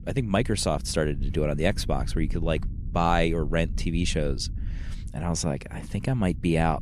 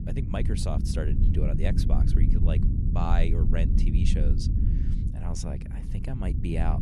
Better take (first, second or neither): first